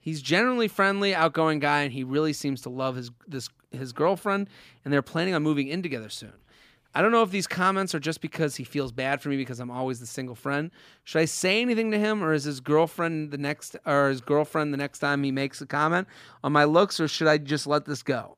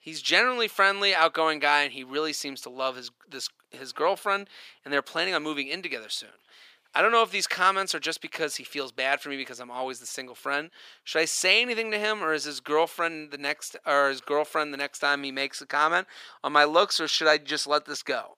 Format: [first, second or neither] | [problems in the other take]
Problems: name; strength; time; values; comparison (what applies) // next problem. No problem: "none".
first | thin; somewhat; fading below 500 Hz